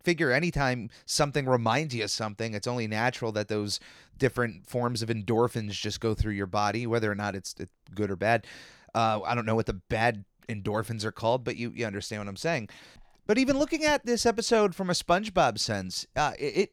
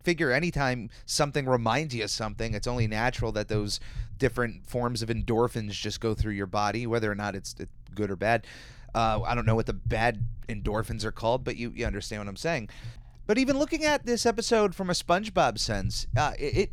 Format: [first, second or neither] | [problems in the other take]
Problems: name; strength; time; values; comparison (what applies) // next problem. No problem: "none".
first | low rumble; faint; throughout; 25 dB below the speech